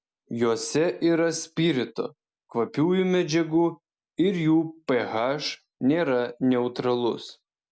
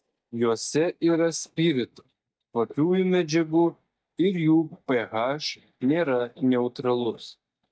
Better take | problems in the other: first | noise reduction (neural mask model DeepFilterNet 3)

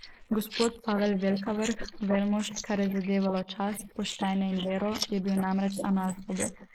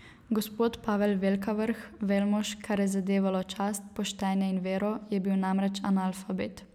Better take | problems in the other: second | noise reduction (neural mask model Resemble Enhance denoiser)

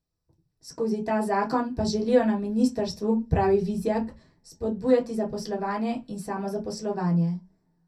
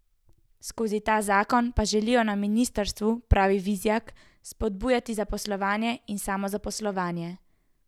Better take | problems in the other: second | room echo; dies away in 0.3 s

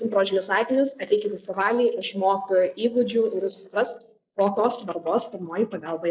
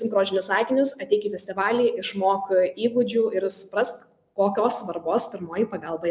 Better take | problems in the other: second | noise reduction (neural mask model Resemble Enhance denoiser)

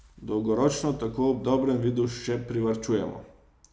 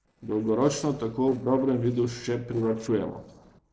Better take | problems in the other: first | noise reduction (neural separator model SepFormer DNS4)

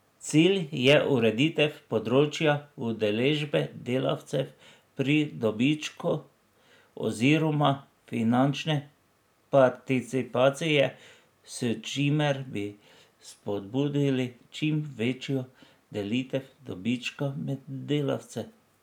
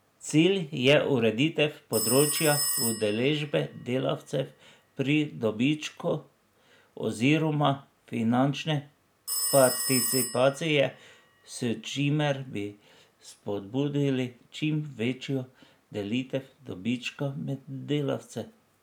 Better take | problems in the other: first | background sound (Telephone); 6 dB below the speech

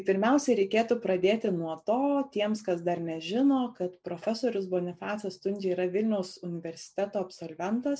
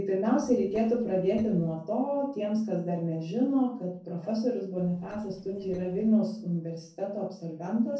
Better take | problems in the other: first | noise reduction (neural separator model SepFormer DNS4)

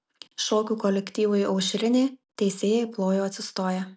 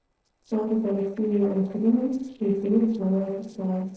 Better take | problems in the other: first | noise reduction (neural separator model SepFormer DNS4)

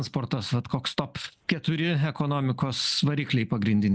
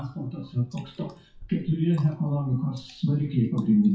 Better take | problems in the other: first | noise reduction (classical method WPE with log-MMSE)

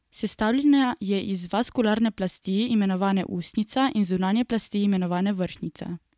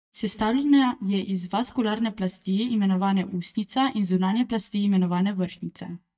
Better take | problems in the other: first | noise reduction (neural mask model DeepFilterNet 3)

